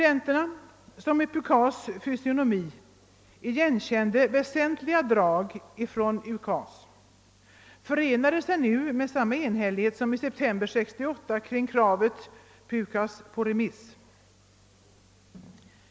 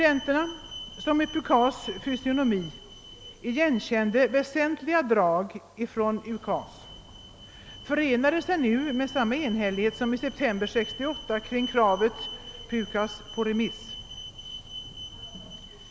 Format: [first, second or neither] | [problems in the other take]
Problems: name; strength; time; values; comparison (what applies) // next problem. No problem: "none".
first | background sound (Alarm); 15 dB below the speech